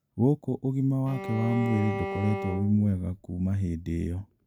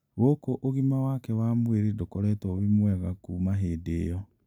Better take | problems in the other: second | background sound (Bowed string instrument); 8 dB below the speech

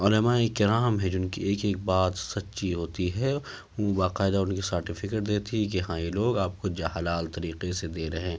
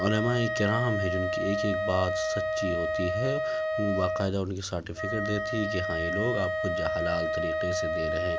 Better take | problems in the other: first | background sound (Wind instrument, woodwind instrument); 1 dB above the speech

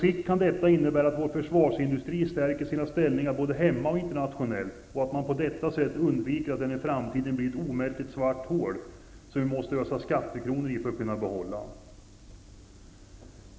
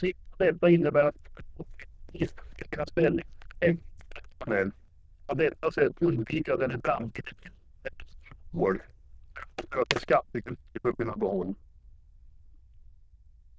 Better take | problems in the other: first | noise reduction (neural diffusion model UNIVERSE++)

